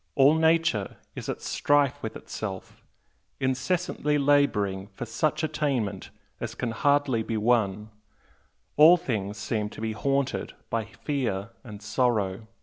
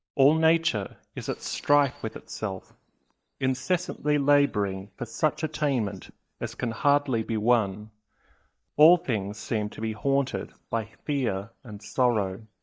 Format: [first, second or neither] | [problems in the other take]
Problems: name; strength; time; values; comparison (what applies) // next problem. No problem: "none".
first | noise reduction (neural mask model DeepFilterNet 3)